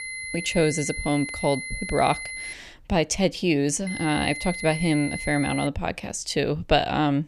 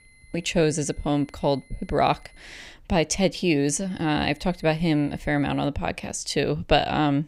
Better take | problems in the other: second | high-pitched whine; loud; until 2.5 s and from 4 to 5.5 s; 2 kHz, 7 dB below the speech; faint in the second

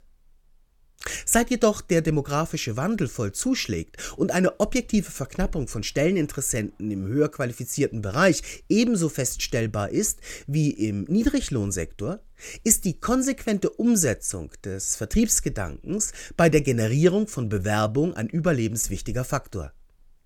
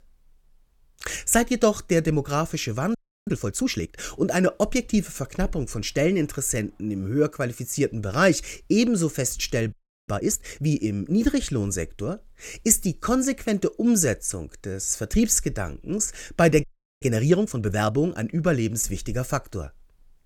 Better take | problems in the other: first | audio freezing; at 3 s, at 9.5 s and at 17 s

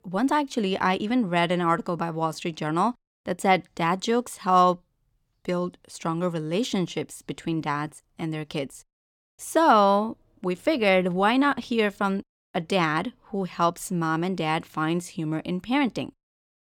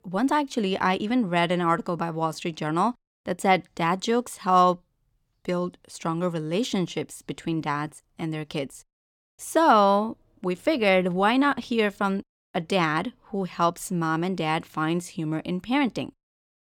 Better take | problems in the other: neither | none

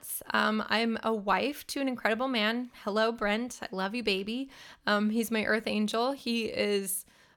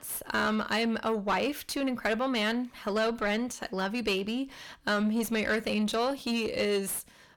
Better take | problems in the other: first | distortion; slight; 10 dB below the speech

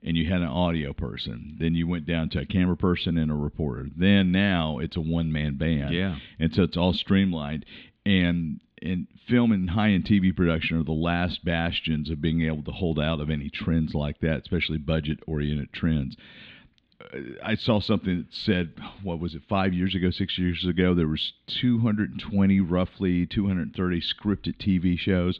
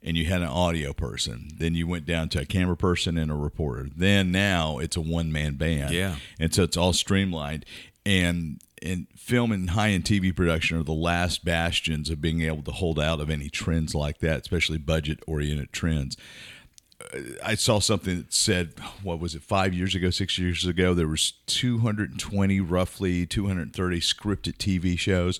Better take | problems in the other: second | muffled; slightly; fading above 3.5 kHz

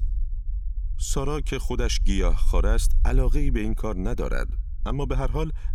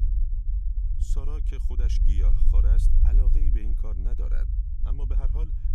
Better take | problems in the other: first | low rumble; loud; throughout; 1 dB below the speech; faint in the first

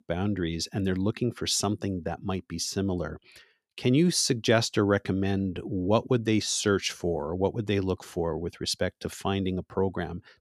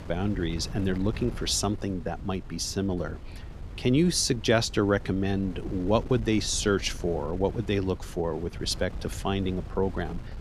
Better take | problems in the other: first | wind noise on the microphone; occasional gusts; 20 dB below the speech

